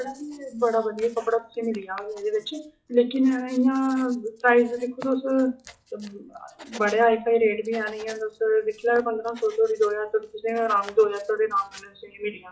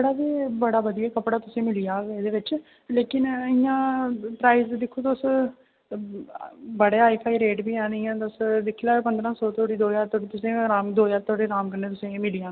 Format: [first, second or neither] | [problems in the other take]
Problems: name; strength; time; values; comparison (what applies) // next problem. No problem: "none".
second | noise reduction (classical method WPE with log-MMSE)